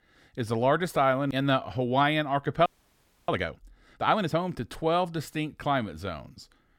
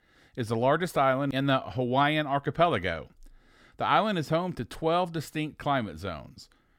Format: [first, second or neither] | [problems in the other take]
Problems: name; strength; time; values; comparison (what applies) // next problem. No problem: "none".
second | audio freezing; at 2.5 s for 0.5 s